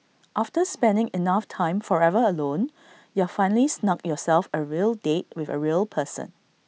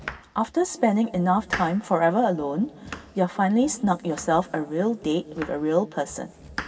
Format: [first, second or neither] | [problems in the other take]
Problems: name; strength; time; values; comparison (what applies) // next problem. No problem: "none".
first | background sound (Domestic sounds, home sounds); 16 dB below the speech // room echo; dies away in 2.2 s